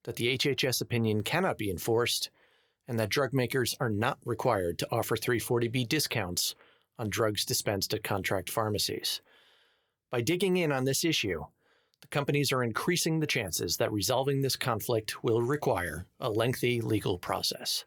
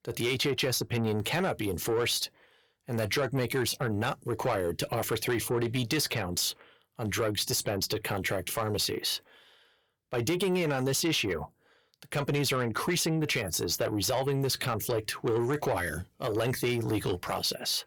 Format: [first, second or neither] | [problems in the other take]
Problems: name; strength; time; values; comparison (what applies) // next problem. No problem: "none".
first | distortion; slight; 10 dB below the speech